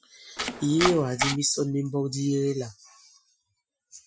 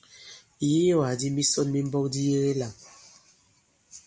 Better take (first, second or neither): second